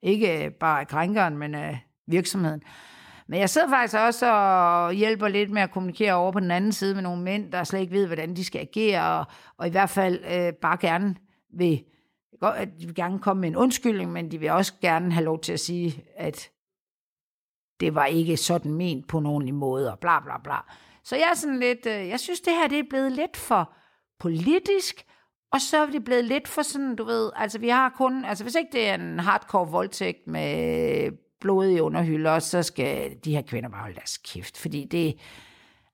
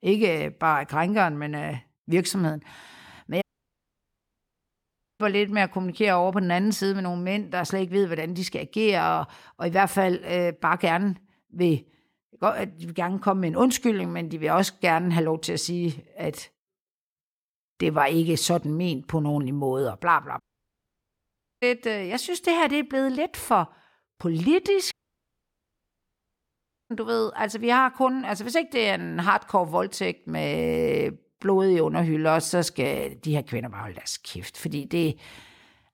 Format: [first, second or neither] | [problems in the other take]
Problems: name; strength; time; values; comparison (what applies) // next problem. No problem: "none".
first | audio cutting out; at 3.5 s for 2 s, at 20 s for 1 s and at 25 s for 2 s